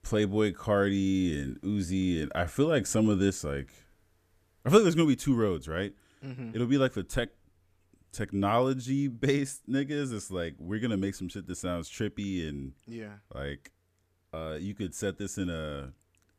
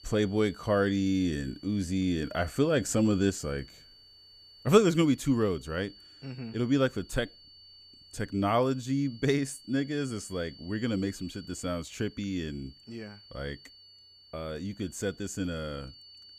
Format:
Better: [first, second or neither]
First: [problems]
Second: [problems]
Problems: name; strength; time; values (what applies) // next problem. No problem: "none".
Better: first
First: none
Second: high-pitched whine; faint; throughout; 4.5 kHz, 20 dB below the speech